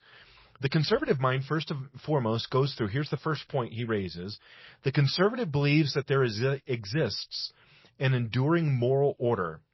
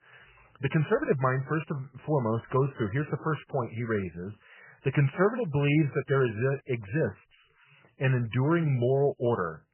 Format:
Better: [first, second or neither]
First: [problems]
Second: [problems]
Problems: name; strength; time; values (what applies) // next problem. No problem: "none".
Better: first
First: garbled, watery; slightly; nothing above 5.5 kHz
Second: garbled, watery; badly; nothing above 3 kHz